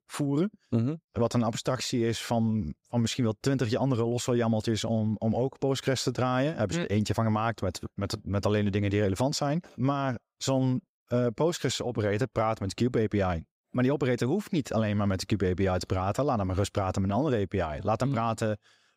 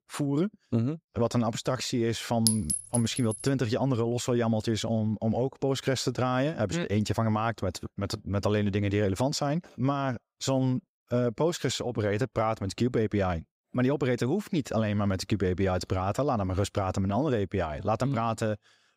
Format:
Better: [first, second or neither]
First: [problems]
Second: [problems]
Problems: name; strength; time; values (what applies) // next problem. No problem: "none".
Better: first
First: none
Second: clattering dishes; loud; at 2.5 s; peak 2 dB above the speech